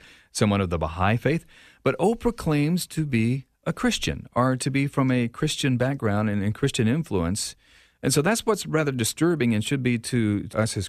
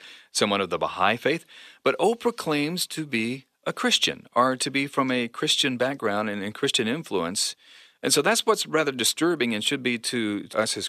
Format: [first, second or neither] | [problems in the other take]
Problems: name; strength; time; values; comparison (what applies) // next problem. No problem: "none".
first | thin; somewhat; fading below 300 Hz